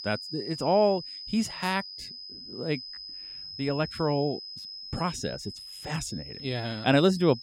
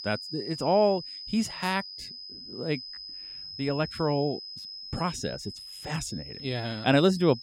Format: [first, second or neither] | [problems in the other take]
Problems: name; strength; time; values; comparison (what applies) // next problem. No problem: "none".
neither | high-pitched whine; noticeable; throughout; 5 kHz, 10 dB below the speech; the same in both